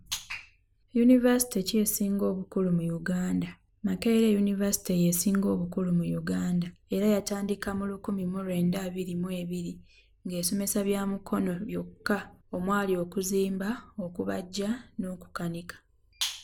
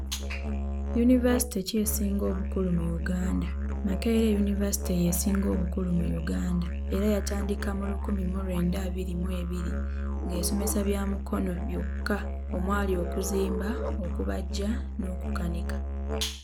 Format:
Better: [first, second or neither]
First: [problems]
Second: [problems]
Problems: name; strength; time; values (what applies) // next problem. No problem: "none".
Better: first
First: none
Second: background sound (Musical instrument); 1 dB below the speech